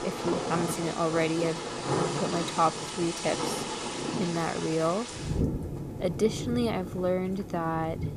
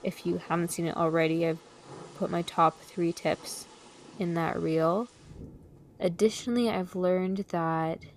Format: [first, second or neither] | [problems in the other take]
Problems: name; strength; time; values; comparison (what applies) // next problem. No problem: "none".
second | rain or running water; loud; throughout; 3 dB below the speech; faint in the second